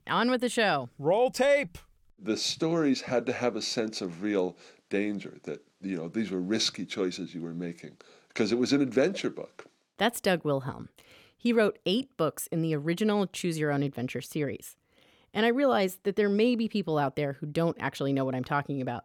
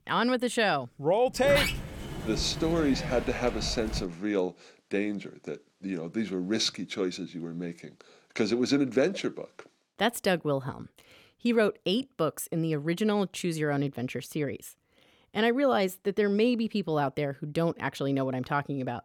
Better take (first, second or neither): first